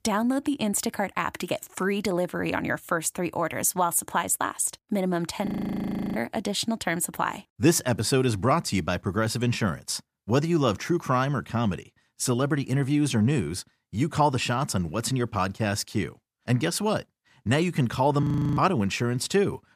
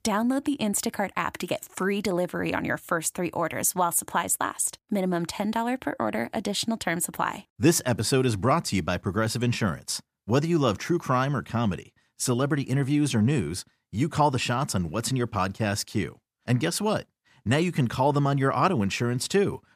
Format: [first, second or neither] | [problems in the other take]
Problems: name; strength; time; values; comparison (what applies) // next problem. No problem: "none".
second | audio freezing; at 5.5 s for 0.5 s and at 18 s